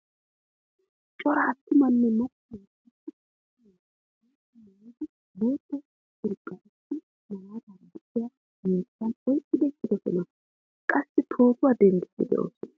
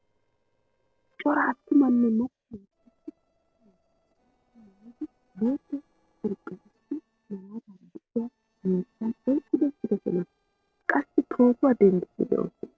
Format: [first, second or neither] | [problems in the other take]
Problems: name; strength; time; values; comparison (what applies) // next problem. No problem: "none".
first | noise reduction (neural separator model SepFormer DNS4)